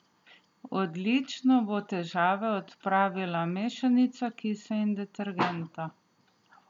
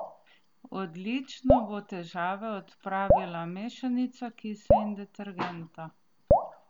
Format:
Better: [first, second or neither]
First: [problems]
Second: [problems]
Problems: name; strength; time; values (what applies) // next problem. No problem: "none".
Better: first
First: none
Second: background sound (Drip); 4 dB above the speech